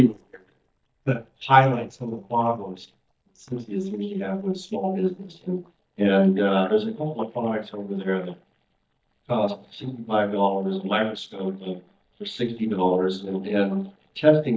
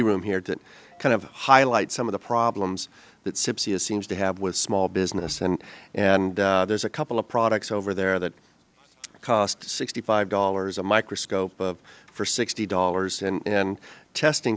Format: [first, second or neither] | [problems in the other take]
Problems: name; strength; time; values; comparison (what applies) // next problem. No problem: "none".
second | noise reduction (neural mask model DeepFilterNet 3)